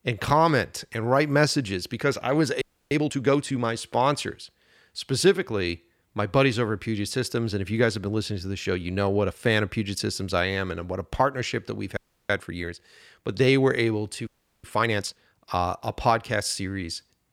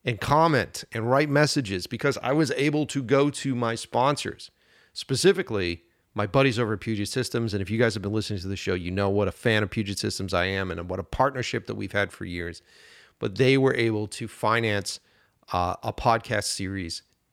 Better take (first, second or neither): second